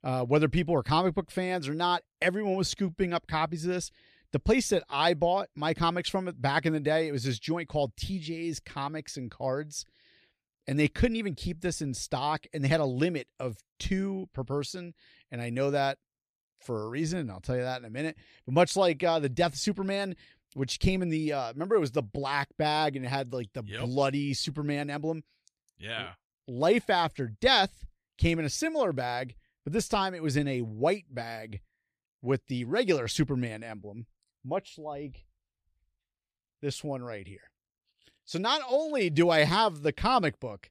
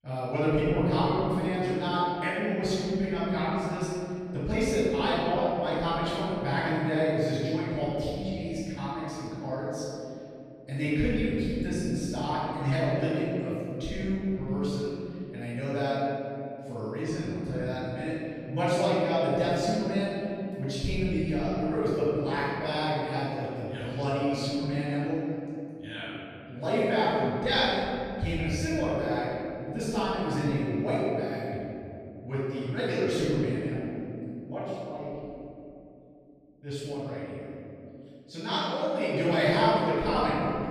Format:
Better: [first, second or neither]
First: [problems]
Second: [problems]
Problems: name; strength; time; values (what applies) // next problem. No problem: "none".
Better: first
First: none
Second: off-mic speech; far // room echo; strong; dies away in 3 s